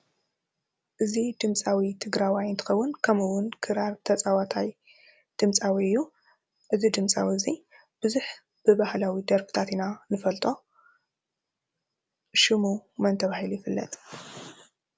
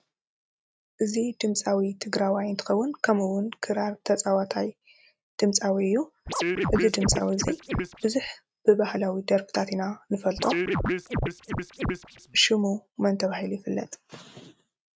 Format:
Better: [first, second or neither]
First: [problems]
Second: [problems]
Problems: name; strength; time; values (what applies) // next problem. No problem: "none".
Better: first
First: none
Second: noise reduction (neural mask model RNNoise)